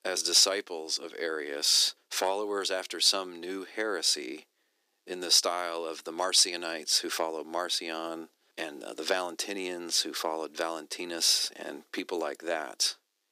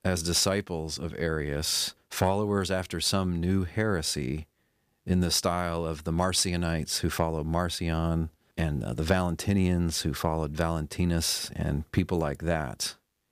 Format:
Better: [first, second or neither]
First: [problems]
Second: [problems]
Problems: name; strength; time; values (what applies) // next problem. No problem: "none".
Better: second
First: thin; very; fading below 300 Hz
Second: none